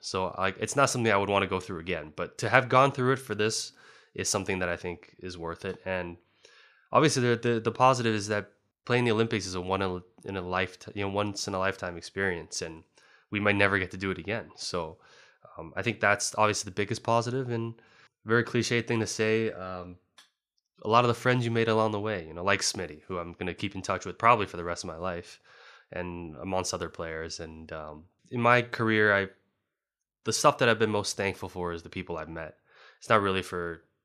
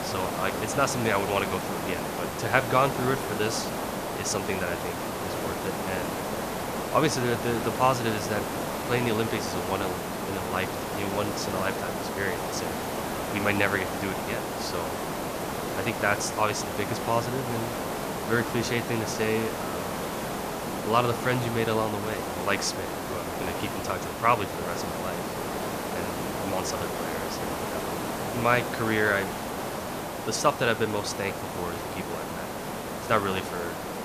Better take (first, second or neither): first